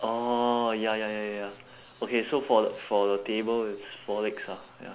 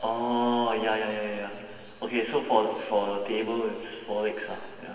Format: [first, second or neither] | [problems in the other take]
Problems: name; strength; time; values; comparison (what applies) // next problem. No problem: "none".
first | room echo; dies away in 2.9 s